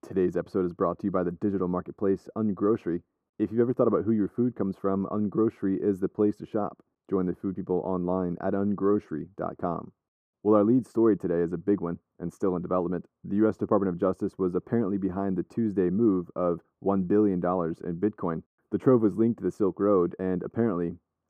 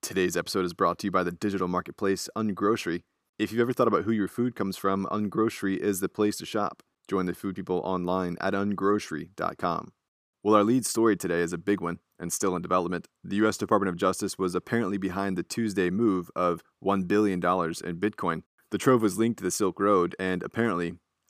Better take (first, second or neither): second